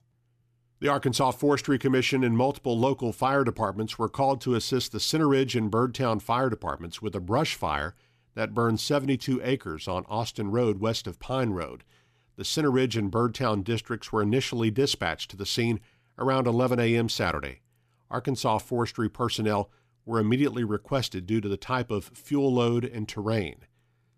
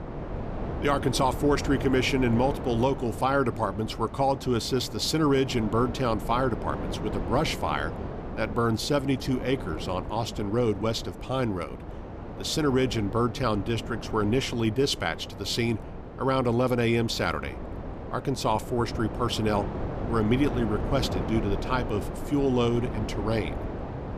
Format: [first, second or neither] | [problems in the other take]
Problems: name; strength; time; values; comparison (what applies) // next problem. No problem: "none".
first | wind noise on the microphone; occasional gusts; 10 dB below the speech